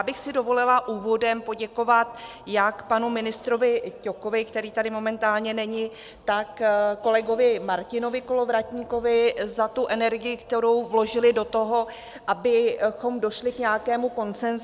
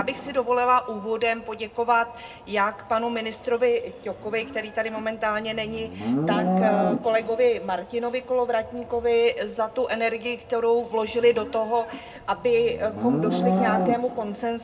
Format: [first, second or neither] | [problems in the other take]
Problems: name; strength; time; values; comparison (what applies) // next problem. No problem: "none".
first | background sound (Livestock, farm animals, working animals); 6 dB below the speech // room echo; dies away in 0.2 s